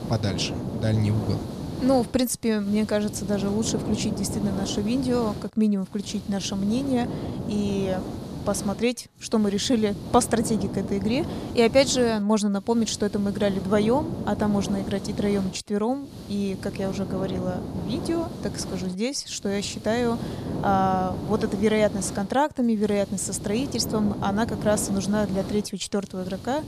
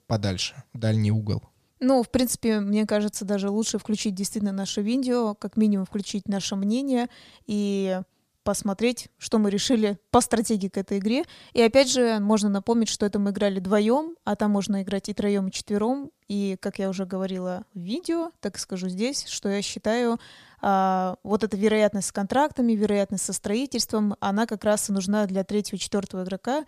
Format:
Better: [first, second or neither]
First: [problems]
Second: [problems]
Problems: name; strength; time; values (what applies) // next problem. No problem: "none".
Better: second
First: hiss; loud; throughout; 8 dB below the speech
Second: none